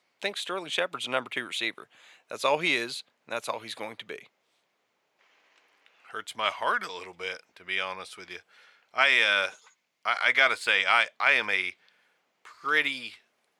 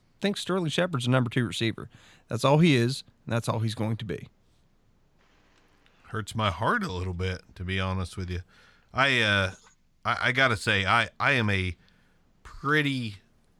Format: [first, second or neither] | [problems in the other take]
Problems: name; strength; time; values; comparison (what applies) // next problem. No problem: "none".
second | thin; very; fading below 600 Hz